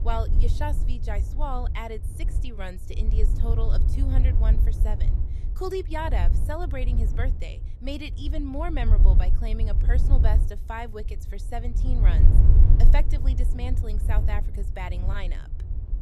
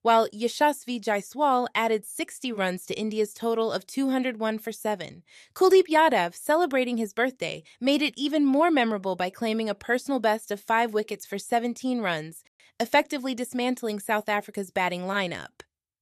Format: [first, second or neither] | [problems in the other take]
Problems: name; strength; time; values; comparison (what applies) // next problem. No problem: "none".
second | wind noise on the microphone; heavy; 7 dB below the speech